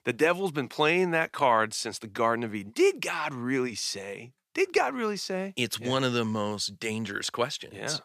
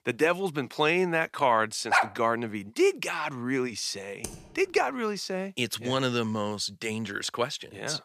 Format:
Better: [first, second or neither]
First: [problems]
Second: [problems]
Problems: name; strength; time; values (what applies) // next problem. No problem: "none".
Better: first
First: none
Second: dog barking; loud; at 2 s; peak 3 dB above the speech // keyboard typing; faint; at 4 s; peak 10 dB below the speech